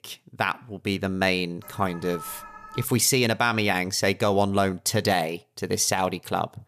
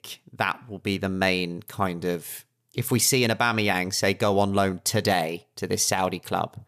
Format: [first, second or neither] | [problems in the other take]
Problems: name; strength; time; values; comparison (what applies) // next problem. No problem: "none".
second | alarm; faint; from 1.5 to 3 s; peak 15 dB below the speech